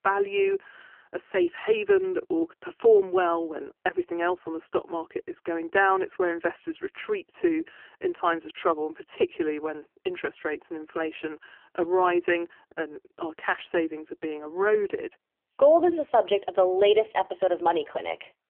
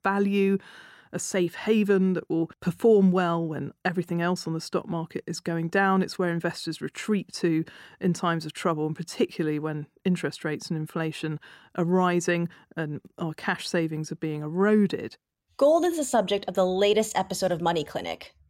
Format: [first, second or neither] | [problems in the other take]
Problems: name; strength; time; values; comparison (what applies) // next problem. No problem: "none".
second | phone-call audio; poor line; nothing above 3.5 kHz